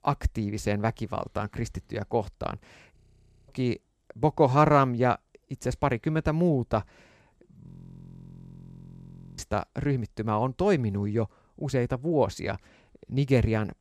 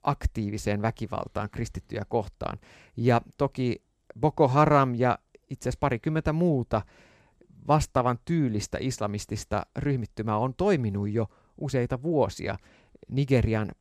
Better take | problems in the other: second | audio freezing; at 3 s for 0.5 s and at 7.5 s for 1.5 s

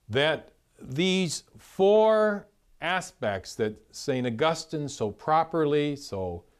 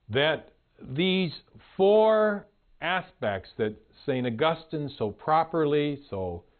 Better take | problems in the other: first | garbled, watery; badly; nothing above 4 kHz

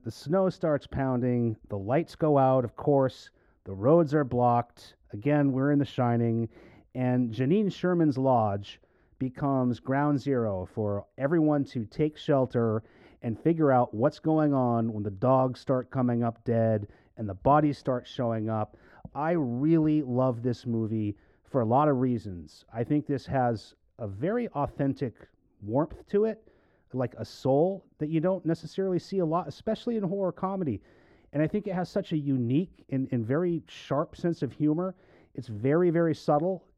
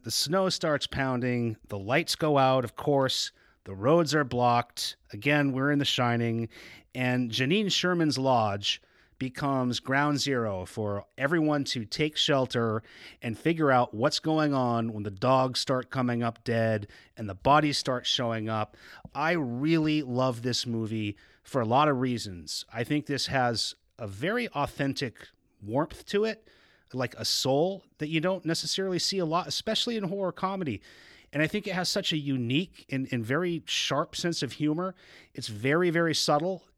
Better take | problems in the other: second | muffled; very; fading above 1.5 kHz

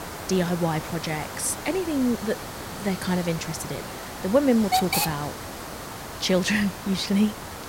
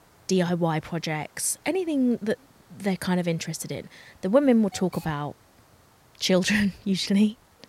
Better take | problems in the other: second | hiss; loud; throughout; 6 dB below the speech; faint in the second

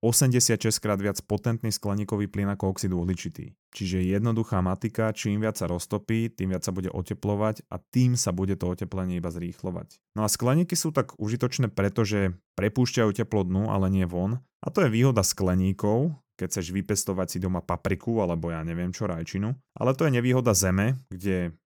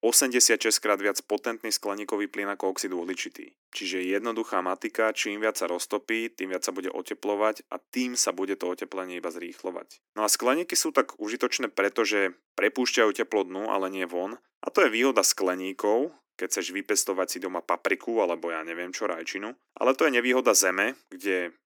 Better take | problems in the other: first | thin; somewhat; fading below 250 Hz

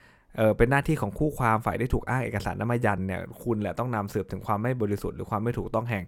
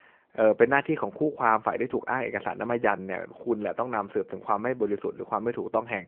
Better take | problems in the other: first | phone-call audio

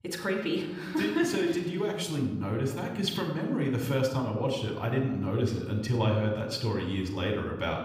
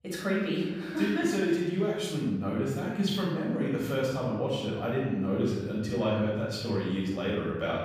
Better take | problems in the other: first | room echo; strong; dies away in 1.5 s; slight in the first // off-mic speech; far; somewhat distant in the first

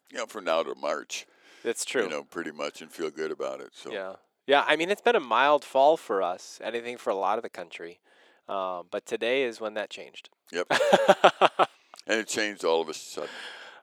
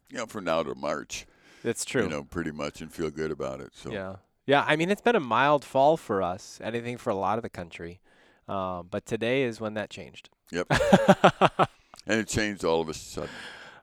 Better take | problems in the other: second | thin; somewhat; fading below 400 Hz

